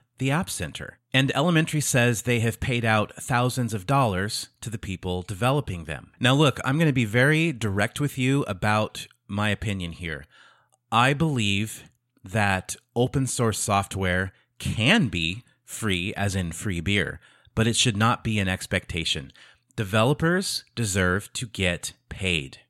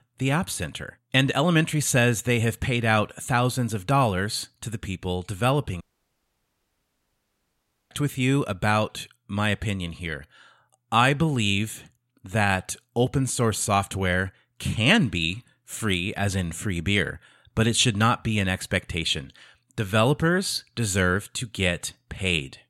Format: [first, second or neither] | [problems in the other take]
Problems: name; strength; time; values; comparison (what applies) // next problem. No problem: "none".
first | audio cutting out; at 6 s for 2 s